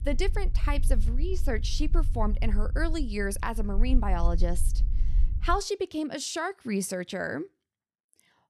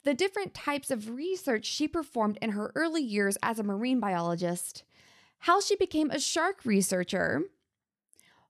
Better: second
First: low rumble; noticeable; until 5.5 s; 20 dB below the speech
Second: none

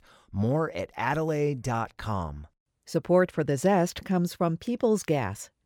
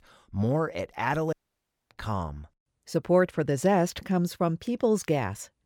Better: first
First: none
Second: audio cutting out; at 1.5 s for 0.5 s

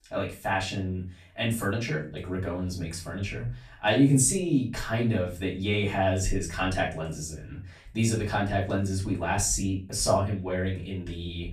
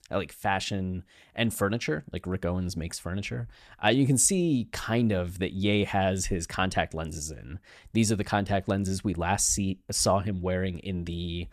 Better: second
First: off-mic speech; far // room echo; slight; dies away in 0.3 s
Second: none

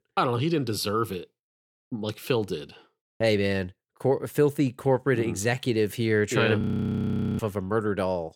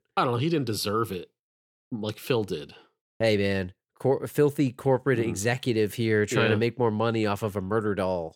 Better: second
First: audio freezing; at 6.5 s for 1 s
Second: none

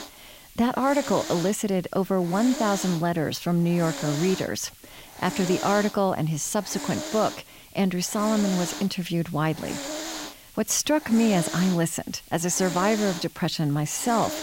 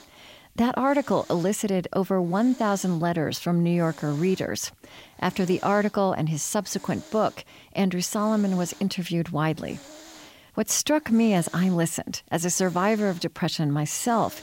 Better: second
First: hiss; loud; throughout; 9 dB below the speech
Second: hiss; faint; throughout; 20 dB below the speech

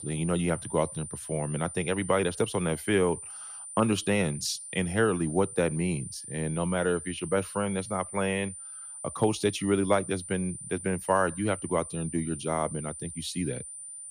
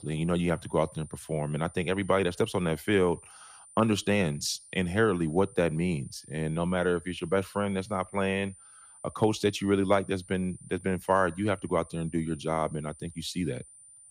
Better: second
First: high-pitched whine; loud; throughout; 9 kHz, 10 dB below the speech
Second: high-pitched whine; faint; throughout; 9 kHz, 20 dB below the speech

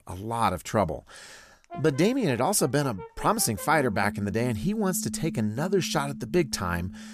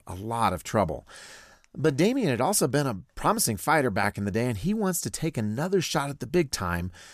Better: second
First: background music; noticeable; throughout; 15 dB below the speech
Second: none

